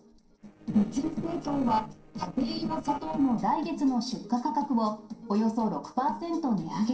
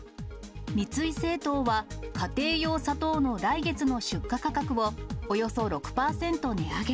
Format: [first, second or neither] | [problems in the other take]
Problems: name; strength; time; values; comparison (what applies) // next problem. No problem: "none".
second | noise reduction (neural separator model SepFormer DNS4)